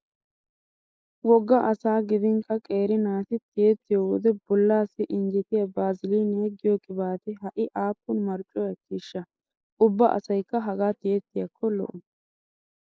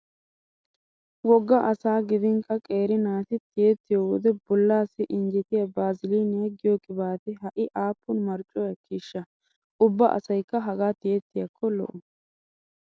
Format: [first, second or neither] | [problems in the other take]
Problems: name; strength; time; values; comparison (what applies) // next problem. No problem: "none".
second | noise reduction (neural mask model Resemble Enhance denoiser)